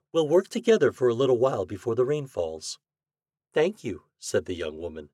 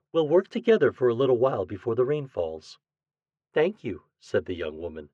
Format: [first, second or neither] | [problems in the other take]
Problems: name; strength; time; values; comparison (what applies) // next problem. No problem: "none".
first | muffled; slightly; fading above 2.5 kHz